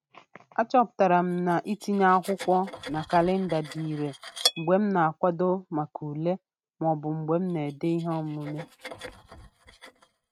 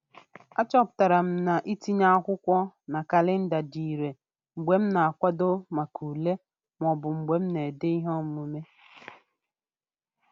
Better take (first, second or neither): second